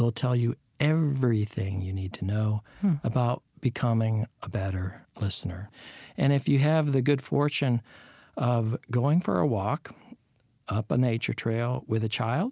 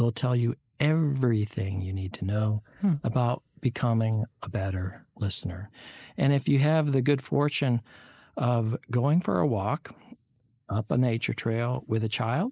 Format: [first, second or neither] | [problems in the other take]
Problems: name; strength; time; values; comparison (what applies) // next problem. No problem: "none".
first | noise reduction (neural mask model Resemble Enhance denoiser)